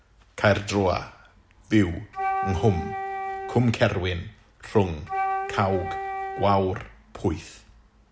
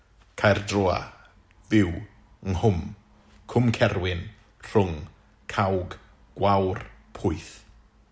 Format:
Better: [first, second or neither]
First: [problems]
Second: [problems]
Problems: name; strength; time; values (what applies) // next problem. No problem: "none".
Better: second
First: background sound (Wind instrument, woodwind instrument); 6 dB below the speech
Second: none